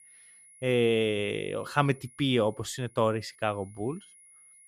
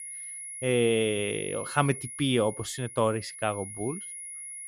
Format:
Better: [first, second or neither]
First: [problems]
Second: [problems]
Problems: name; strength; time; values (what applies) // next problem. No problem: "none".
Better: first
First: high-pitched whine; faint; throughout; 10.5 kHz, 25 dB below the speech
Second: high-pitched whine; loud; throughout; 10.5 kHz, 9 dB below the speech